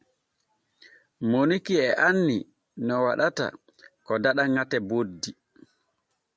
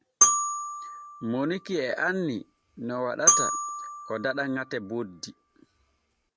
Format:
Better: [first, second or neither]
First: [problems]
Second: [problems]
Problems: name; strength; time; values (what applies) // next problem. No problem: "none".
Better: first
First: none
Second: background sound (Glockenspiel); 3 dB above the speech